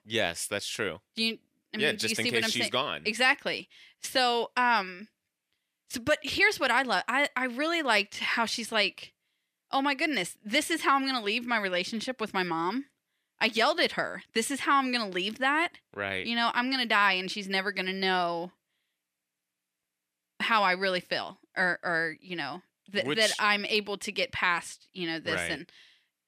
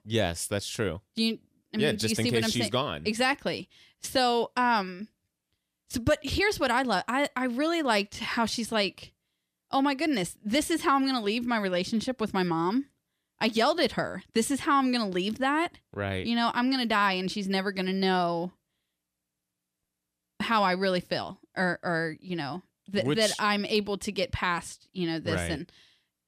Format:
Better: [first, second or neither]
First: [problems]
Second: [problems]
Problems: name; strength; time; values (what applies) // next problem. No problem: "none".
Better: second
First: thin; very slightly; fading below 350 Hz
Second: none